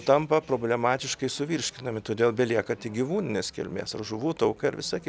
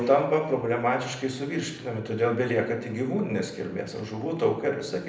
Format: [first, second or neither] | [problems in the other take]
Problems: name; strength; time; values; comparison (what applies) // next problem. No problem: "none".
first | room echo; dies away in 0.7 s